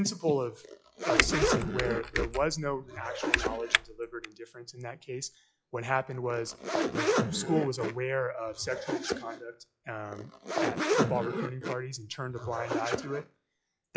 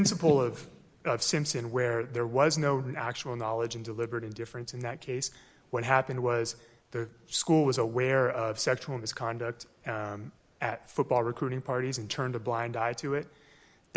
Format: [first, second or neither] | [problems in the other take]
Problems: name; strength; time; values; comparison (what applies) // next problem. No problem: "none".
second | noise reduction (classical method log-MMSE)